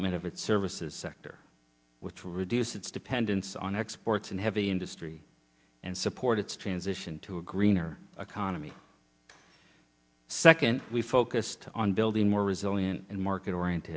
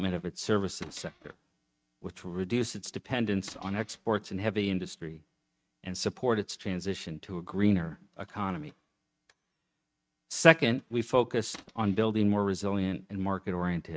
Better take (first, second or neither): first